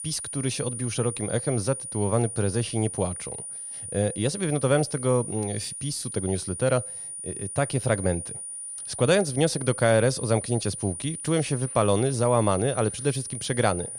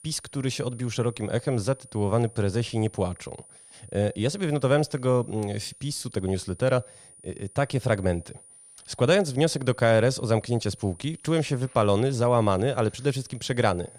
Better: second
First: high-pitched whine; loud; throughout; 9.5 kHz, 7 dB below the speech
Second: high-pitched whine; faint; throughout; 9.5 kHz, 20 dB below the speech

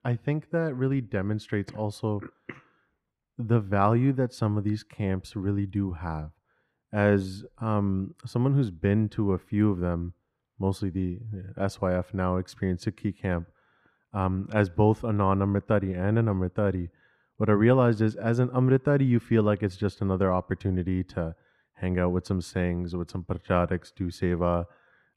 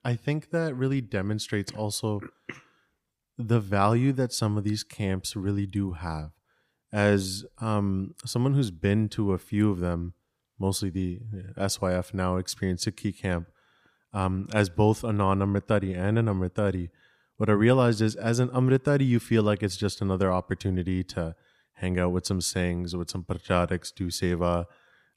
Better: second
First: muffled; slightly; fading above 3 kHz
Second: none

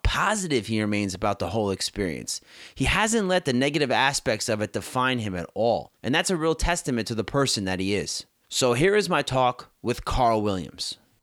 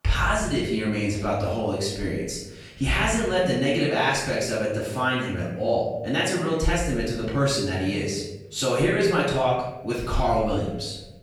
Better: first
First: none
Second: off-mic speech; far // room echo; noticeable; dies away in 1 s

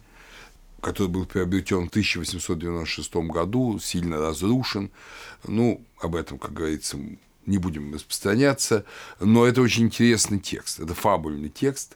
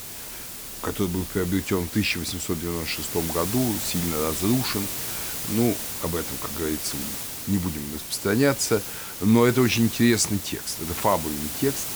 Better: first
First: none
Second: hiss; loud; throughout; 4 dB below the speech

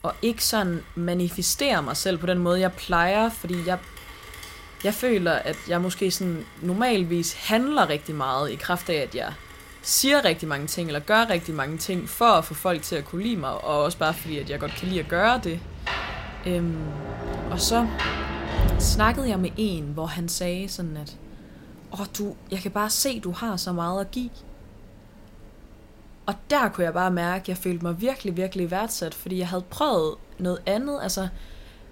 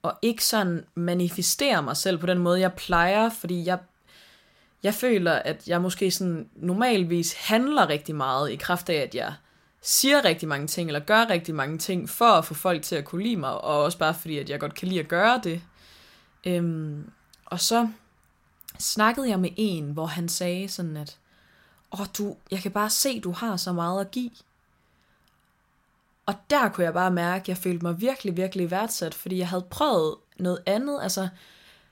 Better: second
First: rain or running water; noticeable; throughout; 10 dB below the speech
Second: none

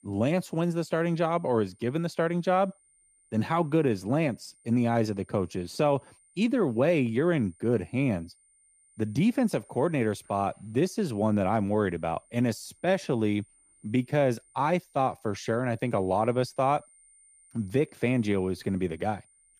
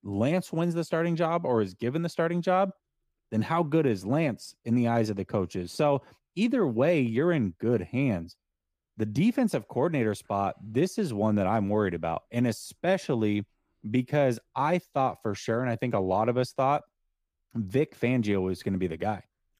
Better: second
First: high-pitched whine; faint; throughout; 9 kHz, 30 dB below the speech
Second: none

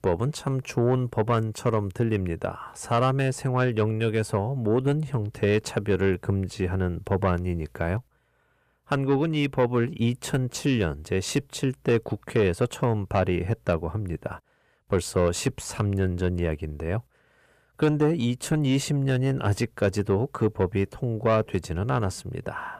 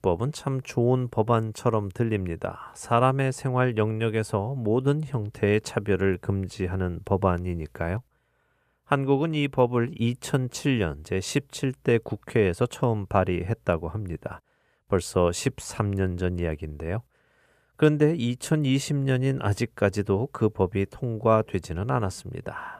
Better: second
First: distortion; slight; 10 dB below the speech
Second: none

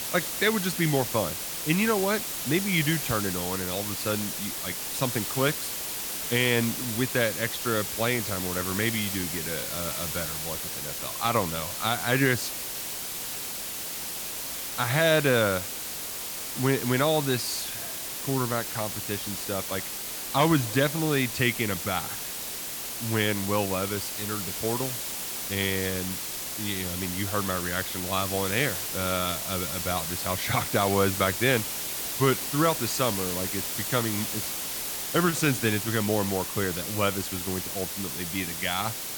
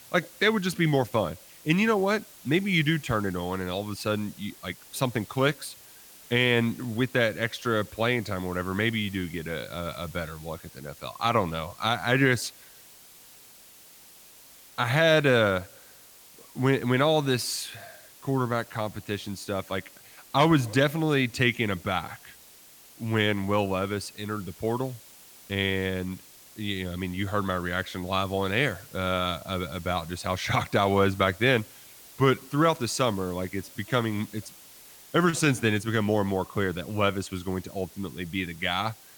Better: second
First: hiss; loud; throughout; 3 dB below the speech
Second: hiss; faint; throughout; 20 dB below the speech

